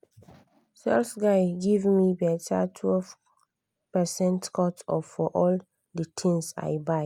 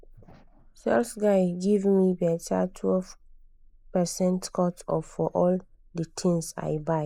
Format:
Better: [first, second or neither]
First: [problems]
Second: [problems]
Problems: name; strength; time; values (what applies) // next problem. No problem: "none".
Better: first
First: none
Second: noise reduction (neural mask model Resemble Enhance denoiser)